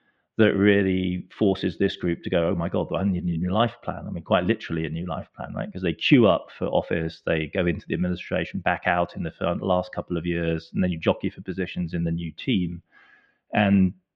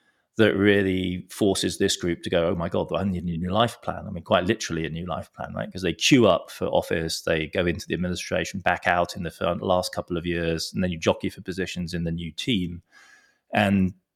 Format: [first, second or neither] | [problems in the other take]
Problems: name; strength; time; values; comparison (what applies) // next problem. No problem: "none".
second | muffled; very; fading above 3 kHz